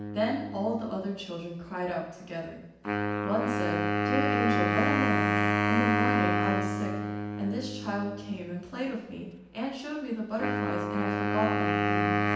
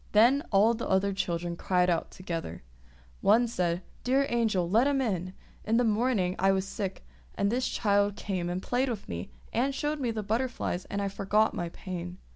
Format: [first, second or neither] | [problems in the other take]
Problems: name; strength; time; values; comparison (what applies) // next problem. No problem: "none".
second | background sound (Wind instrument, woodwind instrument); 3 dB above the speech // room echo; dies away in 0.9 s